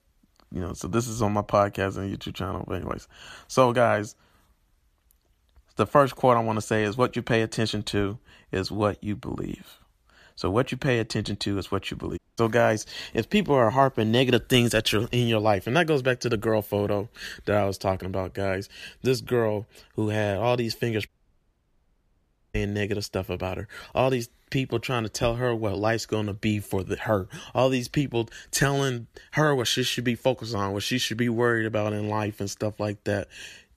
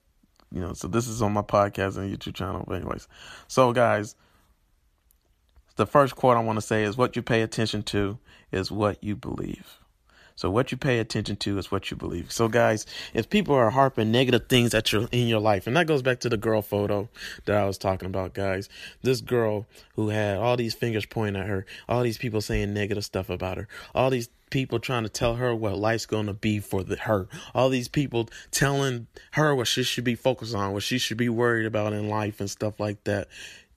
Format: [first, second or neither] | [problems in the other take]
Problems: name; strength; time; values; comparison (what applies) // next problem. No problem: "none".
second | audio cutting out; at 12 s and at 21 s for 1.5 s